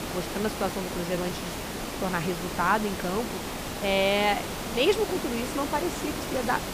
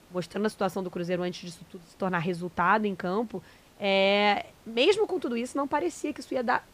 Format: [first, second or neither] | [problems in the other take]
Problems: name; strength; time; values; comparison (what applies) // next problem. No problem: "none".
second | hiss; loud; throughout; 5 dB below the speech; faint in the second